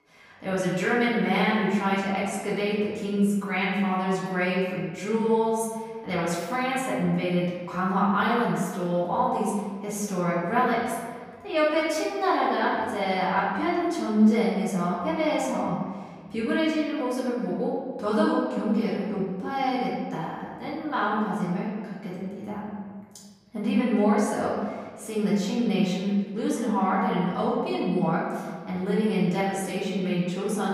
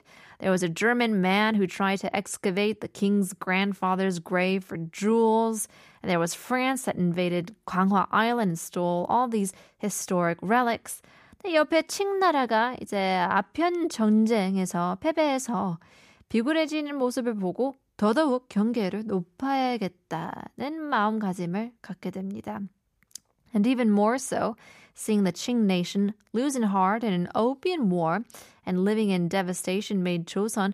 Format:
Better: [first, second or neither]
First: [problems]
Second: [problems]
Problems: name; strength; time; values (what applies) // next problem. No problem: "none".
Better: second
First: room echo; noticeable; dies away in 1.6 s // off-mic speech; far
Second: none